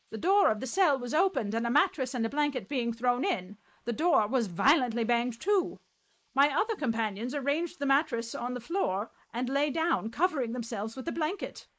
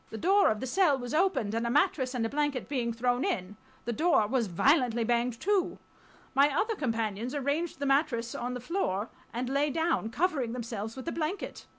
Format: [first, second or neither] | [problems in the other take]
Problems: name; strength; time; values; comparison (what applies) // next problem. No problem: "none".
second | noise reduction (neural mask model Resemble Enhance denoiser)